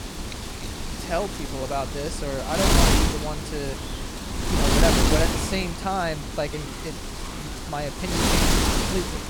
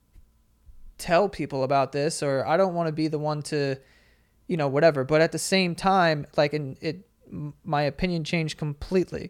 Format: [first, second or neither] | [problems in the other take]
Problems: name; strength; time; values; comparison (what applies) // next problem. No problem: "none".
second | wind noise on the microphone; heavy; 2 dB above the speech